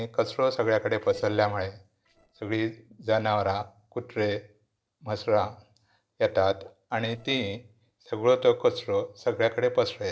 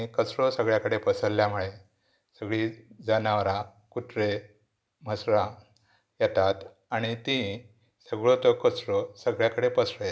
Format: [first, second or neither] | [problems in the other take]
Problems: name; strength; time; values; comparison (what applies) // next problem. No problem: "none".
second | noise reduction (neural separator model SepFormer DNS4)